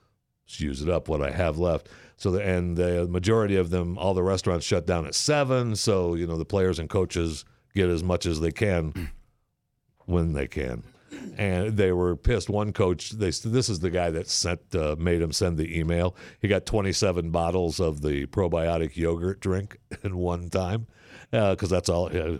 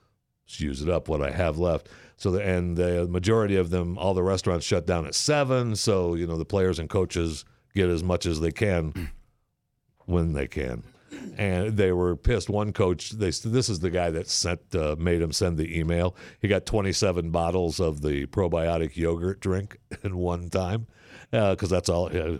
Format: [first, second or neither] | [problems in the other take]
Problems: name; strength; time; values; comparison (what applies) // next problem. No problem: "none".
neither | none